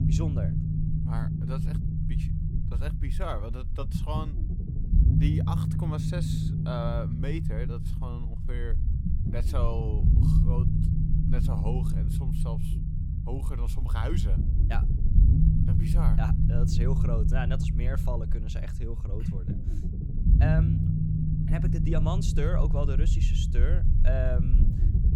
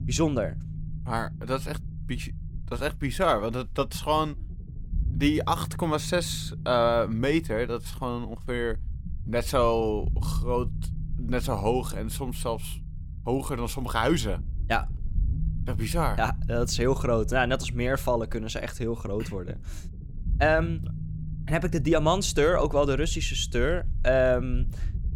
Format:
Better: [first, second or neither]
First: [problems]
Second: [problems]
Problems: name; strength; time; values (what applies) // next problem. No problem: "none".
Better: second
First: low rumble; loud; throughout; 1 dB below the speech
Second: low rumble; faint; throughout; 20 dB below the speech